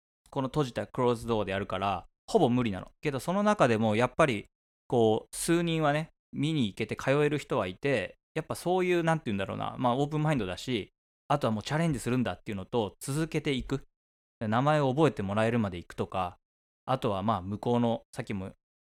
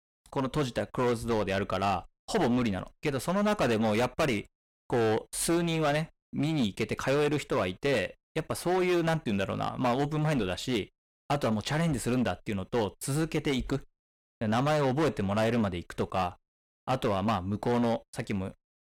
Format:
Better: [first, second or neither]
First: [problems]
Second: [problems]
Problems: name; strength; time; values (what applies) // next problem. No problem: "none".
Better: first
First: none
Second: distortion; heavy; 14% of the sound clipped